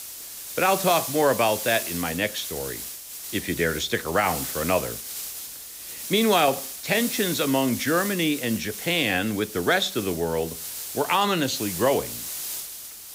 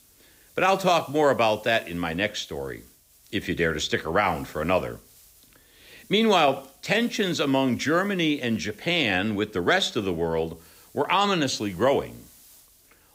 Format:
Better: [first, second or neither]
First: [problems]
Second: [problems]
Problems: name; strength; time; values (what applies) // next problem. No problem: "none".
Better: second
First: hiss; loud; throughout; 7 dB below the speech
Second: hiss; faint; throughout; 25 dB below the speech